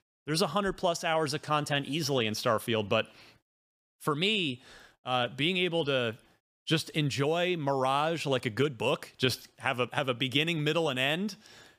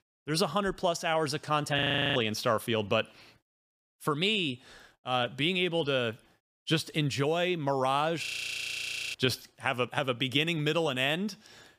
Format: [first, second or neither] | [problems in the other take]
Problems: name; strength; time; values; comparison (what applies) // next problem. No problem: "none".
first | audio freezing; at 2 s and at 8.5 s for 1 s